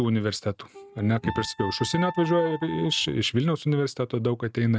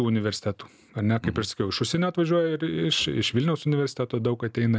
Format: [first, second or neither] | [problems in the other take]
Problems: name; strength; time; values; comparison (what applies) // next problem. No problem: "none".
second | noise reduction (neural mask model RNNoise)